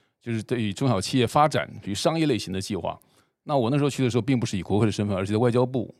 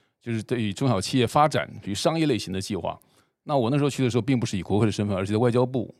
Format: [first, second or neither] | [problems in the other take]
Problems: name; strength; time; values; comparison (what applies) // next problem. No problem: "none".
neither | none